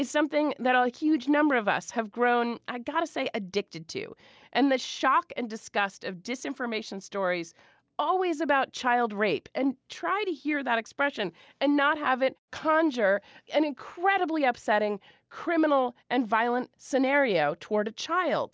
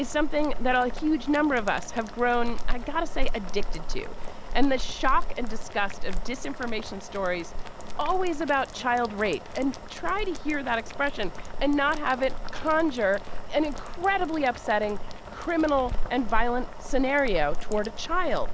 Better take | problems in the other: first | background sound (Boiling); as loud as the speech

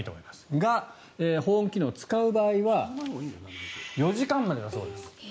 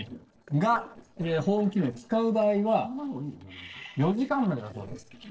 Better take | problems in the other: first | noise reduction (neural separator model SepFormer DNS4)

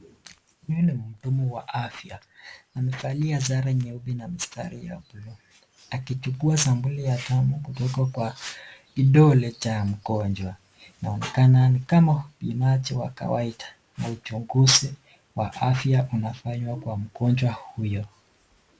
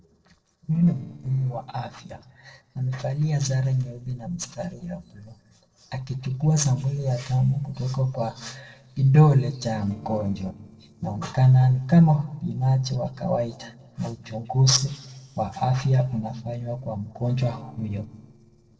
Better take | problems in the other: first | noise reduction (neural separator model SepFormer DNS4)

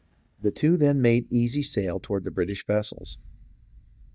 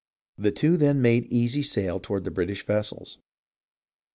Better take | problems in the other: second | noise reduction (neural mask model DeepFilterNet 3)

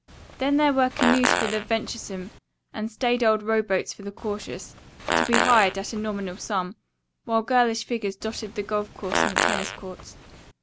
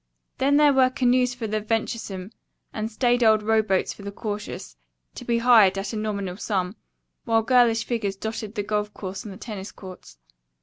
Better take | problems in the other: second | background sound (Fart); 3 dB below the speech

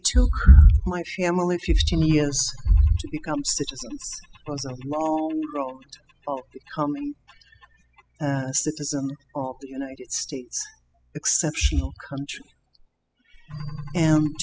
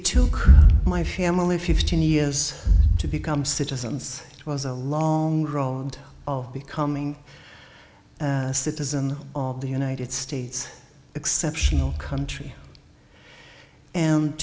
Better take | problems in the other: second | noise reduction (classical method spectral subtraction)

